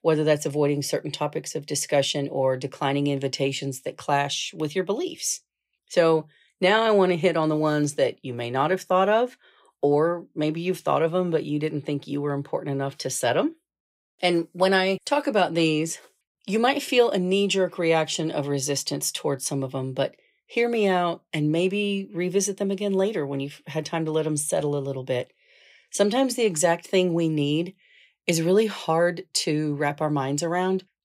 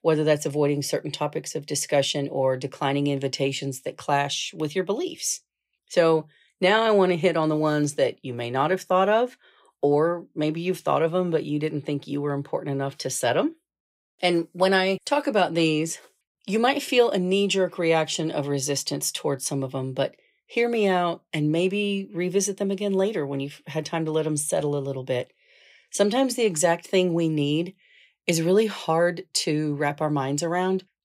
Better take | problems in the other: neither | none

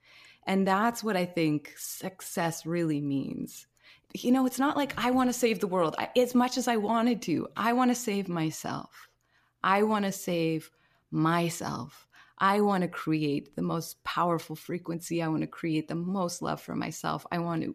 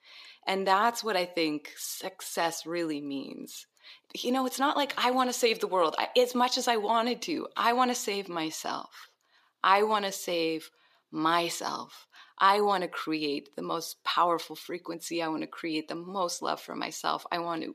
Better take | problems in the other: first | thin; somewhat; fading below 400 Hz

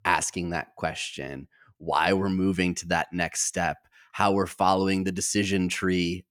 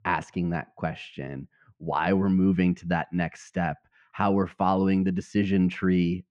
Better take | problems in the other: first | muffled; very; fading above 2.5 kHz

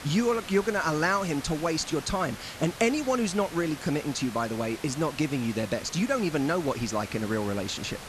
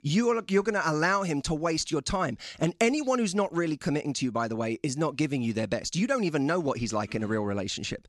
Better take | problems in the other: second | hiss; noticeable; throughout; 15 dB below the speech

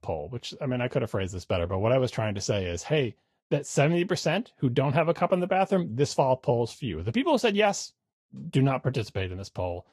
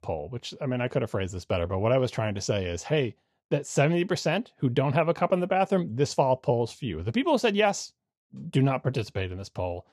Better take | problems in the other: second | garbled, watery; slightly; nothing above 14.5 kHz

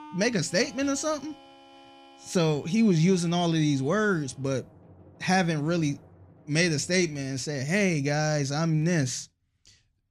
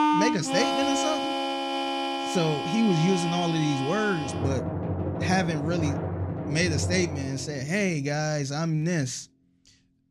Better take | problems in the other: first | background music; loud; throughout; 2 dB below the speech; faint in the first

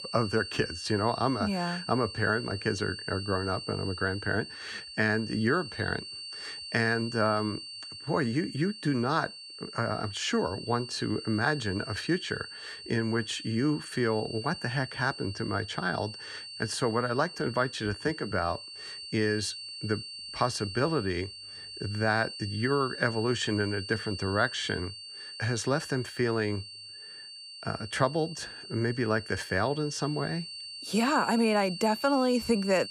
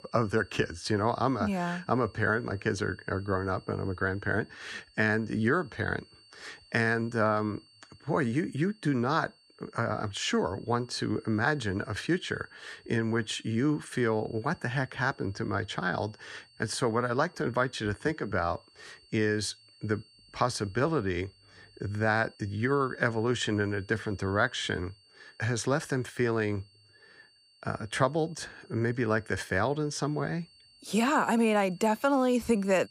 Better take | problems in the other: second | high-pitched whine; loud; throughout; 4.5 kHz, 10 dB below the speech; faint in the second

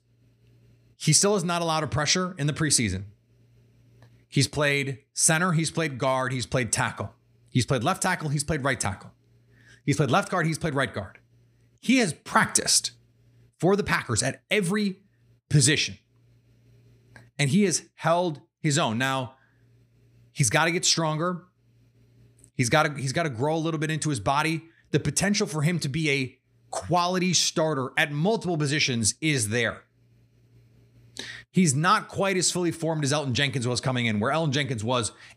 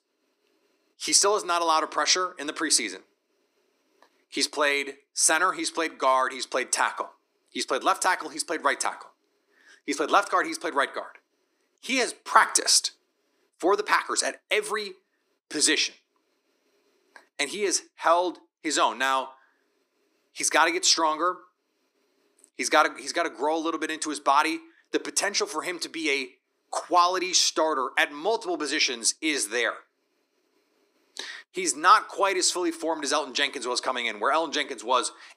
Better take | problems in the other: first | thin; very; fading below 300 Hz

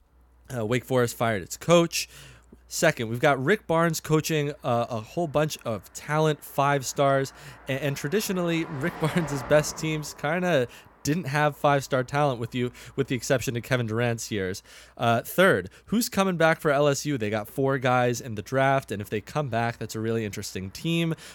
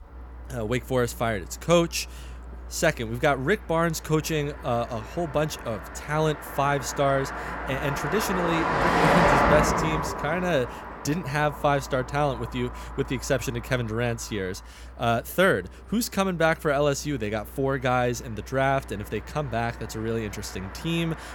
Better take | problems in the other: first | traffic noise; loud; throughout; 2 dB below the speech; faint in the first

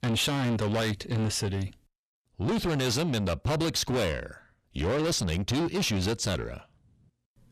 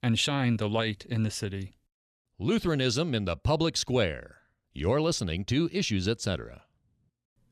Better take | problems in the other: second | distortion; heavy; 6 dB below the speech

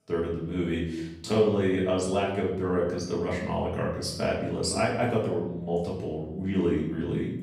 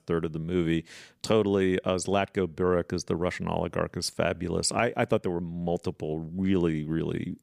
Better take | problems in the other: second | room echo; noticeable; dies away in 0.8 s // off-mic speech; far

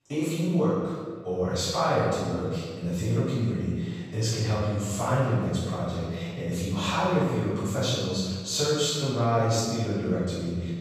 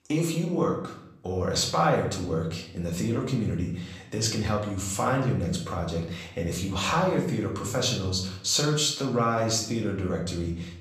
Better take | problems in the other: second | room echo; strong; dies away in 1.5 s; slight in the second // off-mic speech; far; far in the second

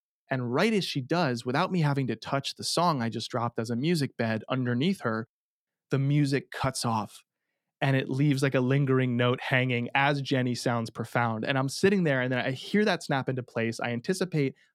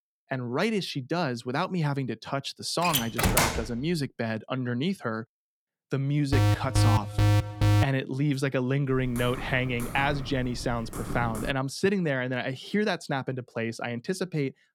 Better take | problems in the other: first | door banging; loud; at 3 s; peak 6 dB above the speech // alarm; loud; from 6.5 to 8 s; peak 5 dB above the speech // keyboard typing; noticeable; from 9 to 12 s; peak 7 dB below the speech

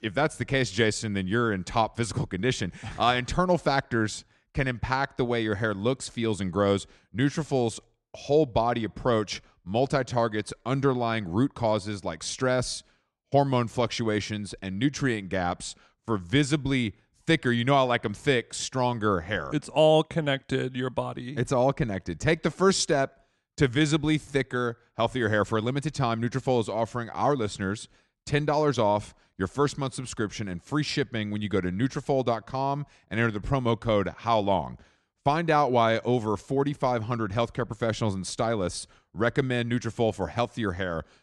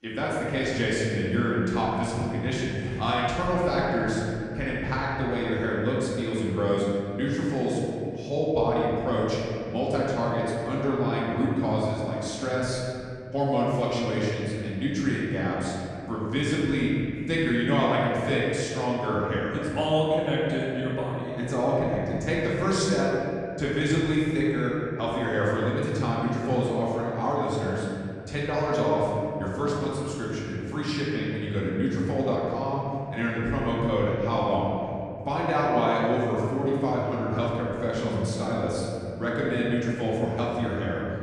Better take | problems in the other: first | room echo; strong; dies away in 2.6 s // off-mic speech; far

